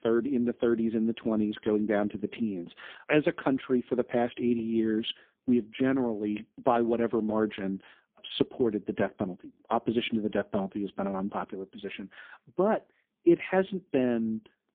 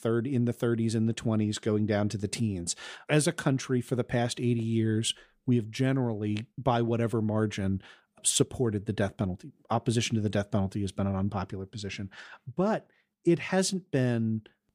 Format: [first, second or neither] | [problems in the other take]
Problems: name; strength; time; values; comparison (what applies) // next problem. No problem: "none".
second | phone-call audio; poor line; nothing above 3 kHz